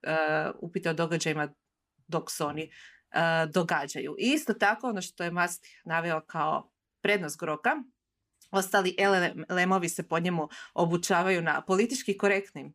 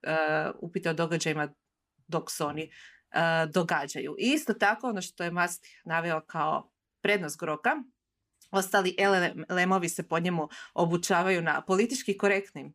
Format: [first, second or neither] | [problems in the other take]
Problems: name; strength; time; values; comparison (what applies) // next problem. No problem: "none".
neither | none